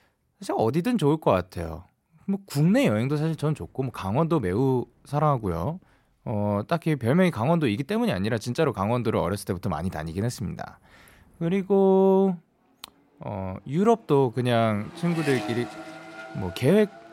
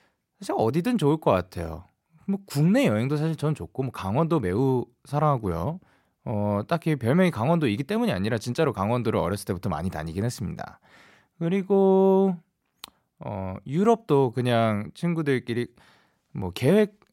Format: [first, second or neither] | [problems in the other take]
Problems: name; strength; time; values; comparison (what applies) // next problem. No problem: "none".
second | traffic noise; noticeable; throughout; 15 dB below the speech